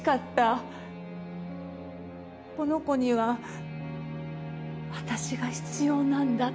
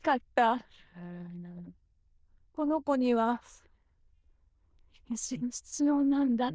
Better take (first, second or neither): first